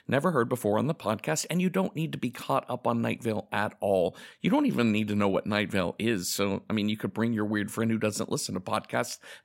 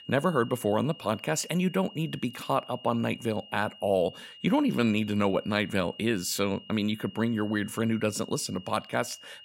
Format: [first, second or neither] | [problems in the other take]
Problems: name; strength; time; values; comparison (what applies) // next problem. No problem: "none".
first | high-pitched whine; noticeable; throughout; 3 kHz, 20 dB below the speech